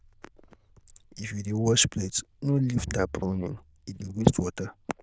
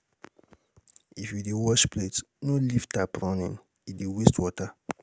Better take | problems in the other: second | noise reduction (neural diffusion model UNIVERSE++)

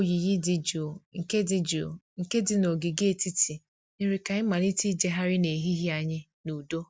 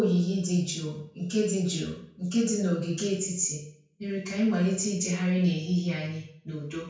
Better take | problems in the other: first | room echo; dies away in 0.5 s

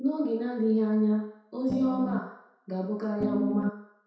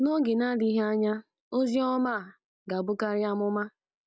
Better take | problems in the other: second | background sound (Piano); 1 dB above the speech // room echo; dies away in 0.7 s

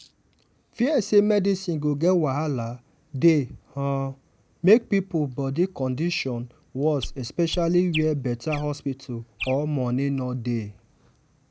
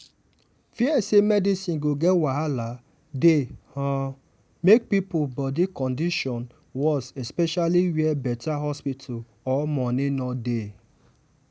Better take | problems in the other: second | background sound (Chirp, tweet); 13 dB below the speech

